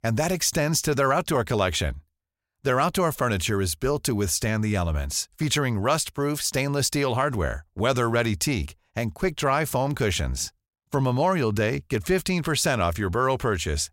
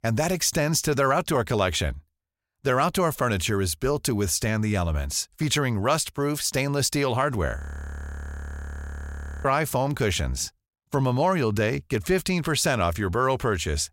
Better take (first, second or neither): first